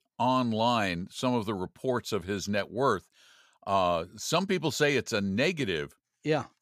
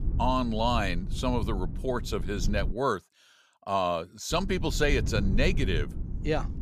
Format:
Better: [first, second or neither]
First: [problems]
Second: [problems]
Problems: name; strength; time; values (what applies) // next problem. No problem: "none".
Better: first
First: none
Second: low rumble; noticeable; until 2.5 s and from 4.5 s on; 15 dB below the speech